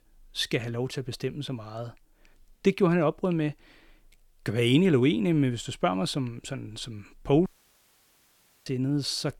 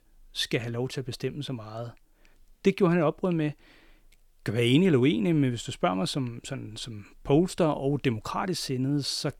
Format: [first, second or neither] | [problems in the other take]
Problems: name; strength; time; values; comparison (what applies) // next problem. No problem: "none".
second | audio cutting out; at 7.5 s for 1 s